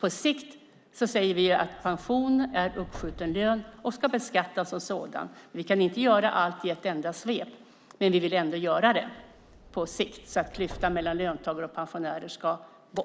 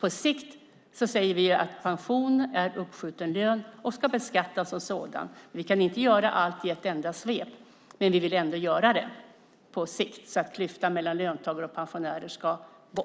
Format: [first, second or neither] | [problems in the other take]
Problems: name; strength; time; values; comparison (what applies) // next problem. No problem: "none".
second | background sound (Subway, metro, underground); 18 dB below the speech